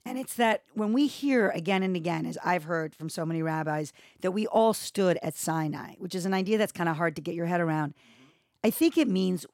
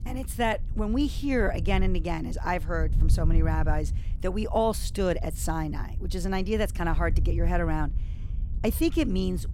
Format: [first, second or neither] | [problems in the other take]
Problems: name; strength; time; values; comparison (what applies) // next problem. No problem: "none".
first | wind noise on the microphone; occasional gusts; 20 dB below the speech